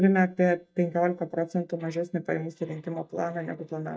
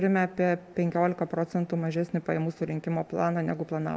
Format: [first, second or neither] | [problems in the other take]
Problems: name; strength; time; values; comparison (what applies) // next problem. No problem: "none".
second | noise reduction (neural mask model DeepFilterNet 3)